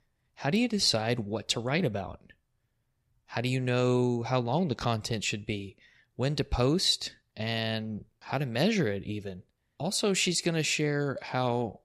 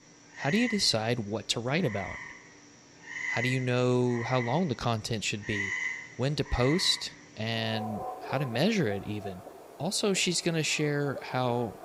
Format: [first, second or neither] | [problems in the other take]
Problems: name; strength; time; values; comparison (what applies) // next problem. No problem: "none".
first | animal sounds; loud; throughout; 9 dB below the speech